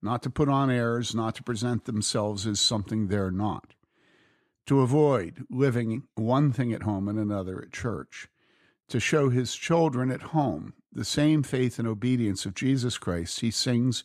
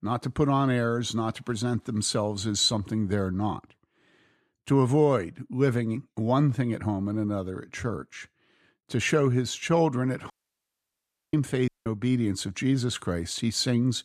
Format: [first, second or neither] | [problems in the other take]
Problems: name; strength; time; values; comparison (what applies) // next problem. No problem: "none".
first | audio cutting out; at 10 s for 1 s and at 12 s